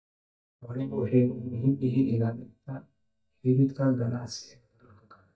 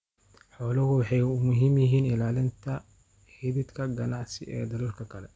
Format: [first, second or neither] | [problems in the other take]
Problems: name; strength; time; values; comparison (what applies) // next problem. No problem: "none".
second | noise reduction (neural mask model DeepFilterNet 3)